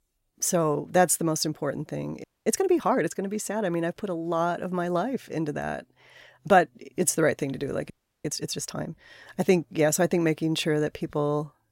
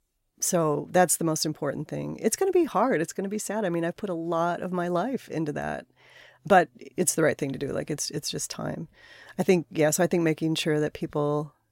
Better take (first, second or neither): second